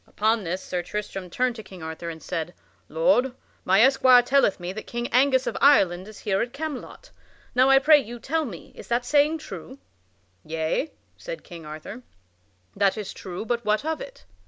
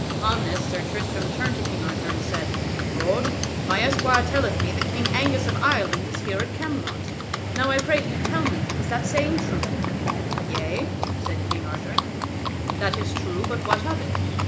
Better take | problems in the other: first | background sound (Livestock, farm animals, working animals); 3 dB above the speech // room echo; dies away in 0.4 s

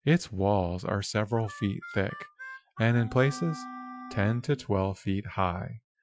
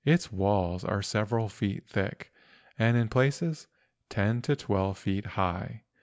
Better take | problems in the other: second | noise reduction (classical method Wiener filter)

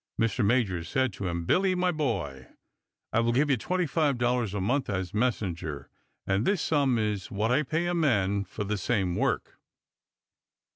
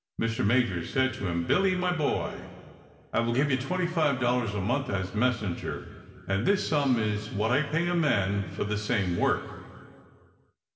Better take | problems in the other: first | room echo; dies away in 2.1 s

